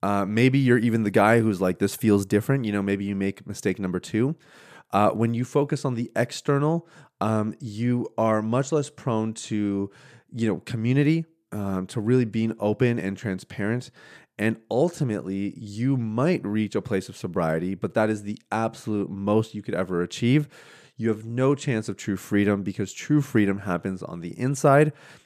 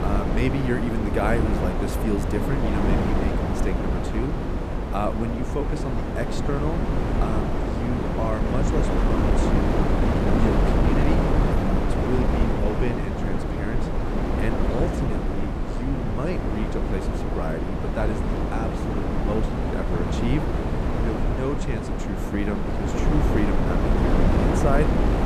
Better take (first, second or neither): first